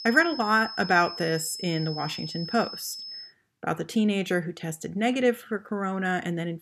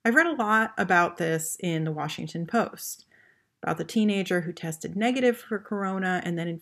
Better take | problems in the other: second | high-pitched whine; loud; until 3.5 s; 5 kHz, 9 dB below the speech

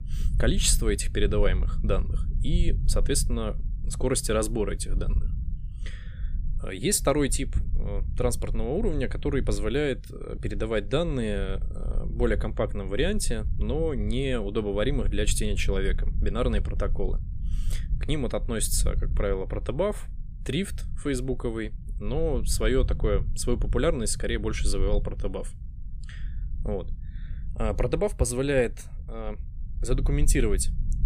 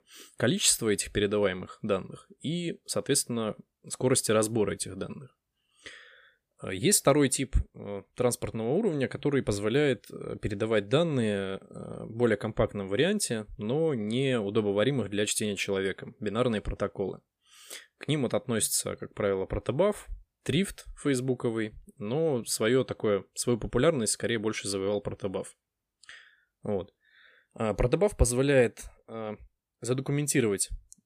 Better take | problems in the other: second | low rumble; faint; throughout; 20 dB below the speech

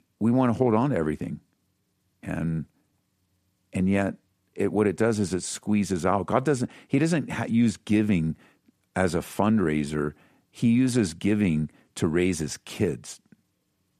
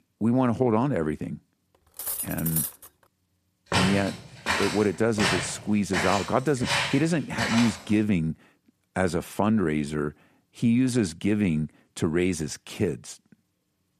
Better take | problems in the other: first | clattering dishes; noticeable; at 2 s; peak 1 dB below the speech // footsteps; loud; from 3.5 to 7.5 s; peak 1 dB above the speech

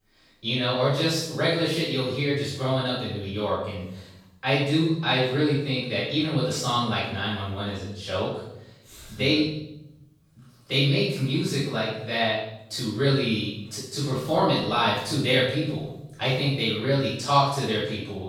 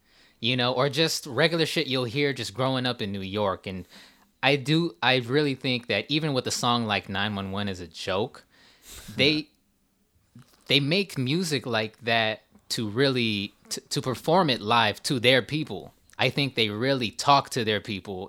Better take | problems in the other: second | room echo; strong; dies away in 0.8 s // off-mic speech; far

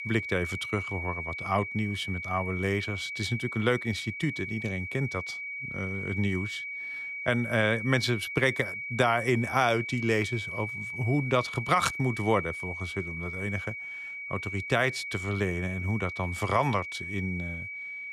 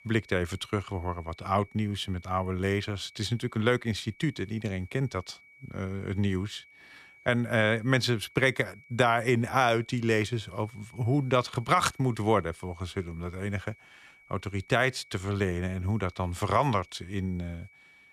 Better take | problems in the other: second | high-pitched whine; loud; throughout; 2.5 kHz, 5 dB below the speech; faint in the second

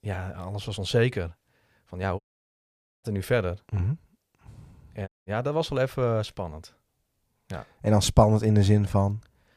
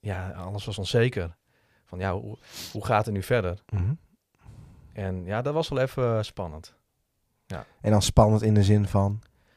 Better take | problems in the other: second | audio cutting out; at 2 s for 1 s and at 5 s

